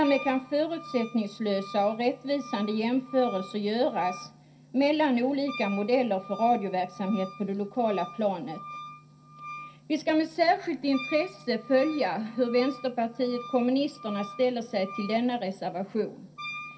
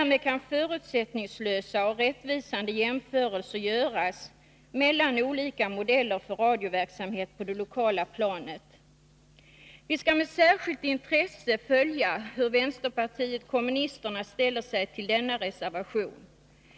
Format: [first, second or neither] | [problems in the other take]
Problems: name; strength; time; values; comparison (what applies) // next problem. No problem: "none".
second | background sound (Wind instrument, woodwind instrument); 16 dB below the speech // room echo; dies away in 0.3 s